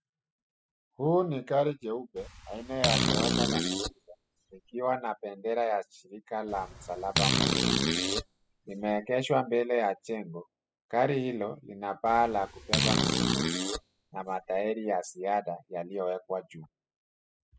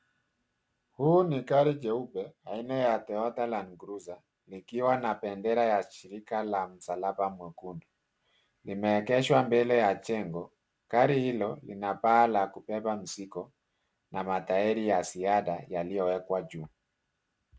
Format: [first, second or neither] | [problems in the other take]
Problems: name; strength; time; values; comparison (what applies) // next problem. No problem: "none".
second | noise reduction (classical method spectral subtraction)